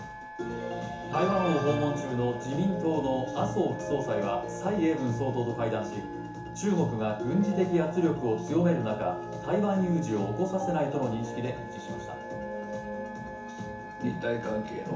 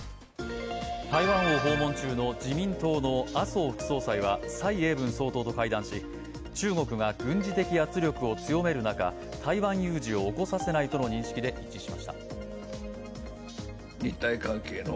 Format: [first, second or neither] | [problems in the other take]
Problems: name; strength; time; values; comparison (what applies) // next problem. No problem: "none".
second | background sound (Wind instrument, woodwind instrument); 14 dB below the speech // room echo; dies away in 0.7 s